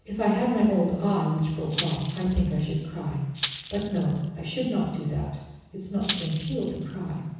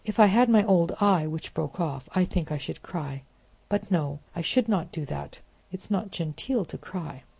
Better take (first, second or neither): second